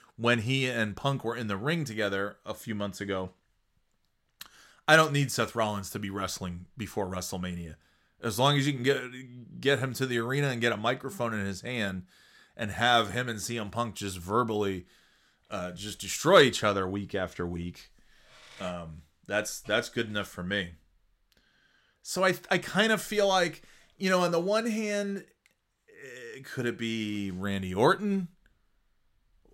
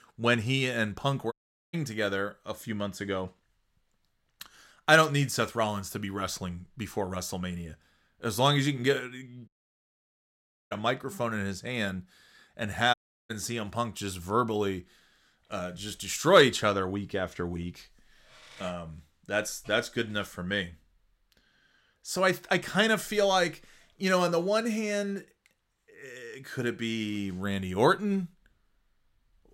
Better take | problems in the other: first | audio cutting out; at 1.5 s, at 9.5 s for 1 s and at 13 s

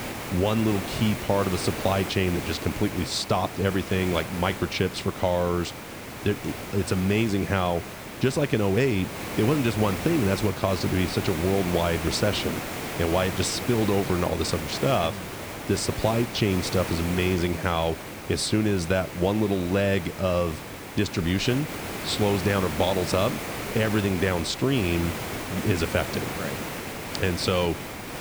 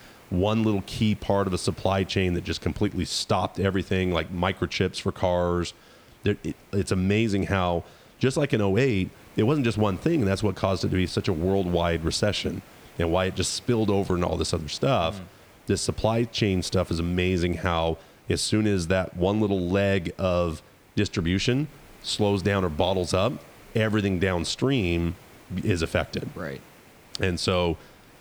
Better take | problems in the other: second | hiss; loud; throughout; 7 dB below the speech; faint in the second

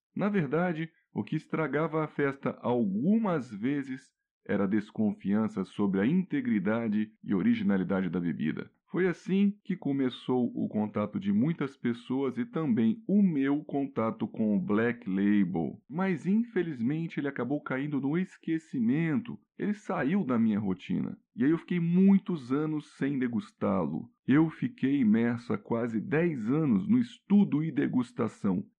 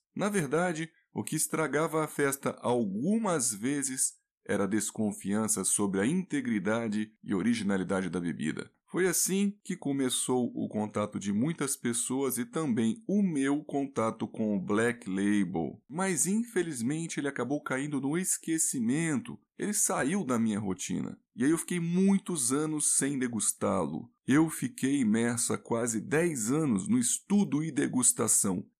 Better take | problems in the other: second | muffled; very; fading above 3 kHz

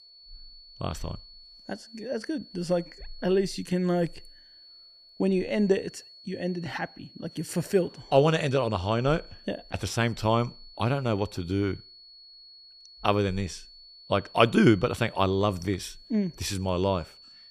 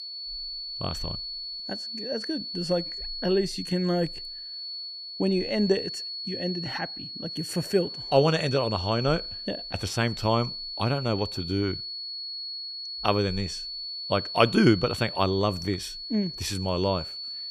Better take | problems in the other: first | high-pitched whine; loud; throughout; 4.5 kHz, 6 dB below the speech; faint in the first

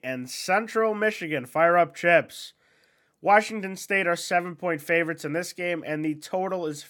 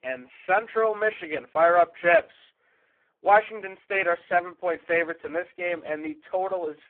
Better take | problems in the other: first | phone-call audio; poor line

